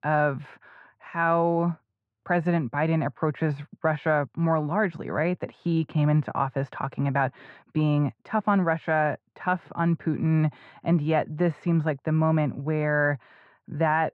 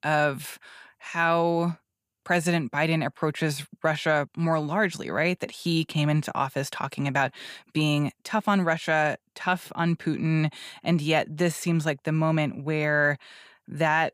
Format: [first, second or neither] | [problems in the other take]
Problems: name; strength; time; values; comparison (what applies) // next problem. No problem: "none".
second | muffled; very; fading above 1.5 kHz